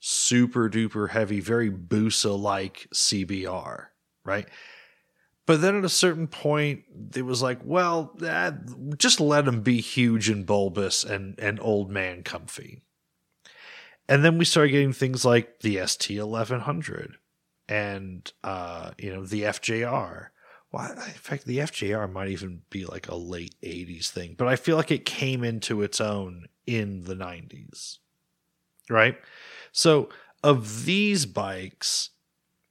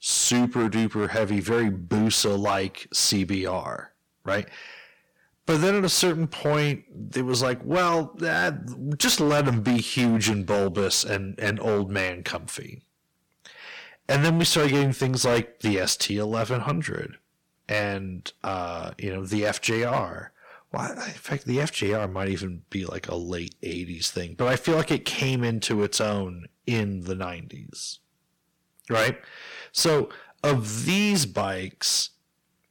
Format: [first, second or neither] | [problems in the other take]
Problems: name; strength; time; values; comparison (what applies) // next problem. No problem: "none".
first | distortion; heavy; 9% of the sound clipped